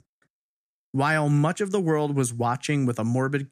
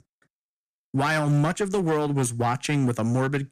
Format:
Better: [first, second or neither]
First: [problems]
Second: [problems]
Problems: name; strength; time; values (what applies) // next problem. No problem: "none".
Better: first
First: none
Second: distortion; slight; 11% of the sound clipped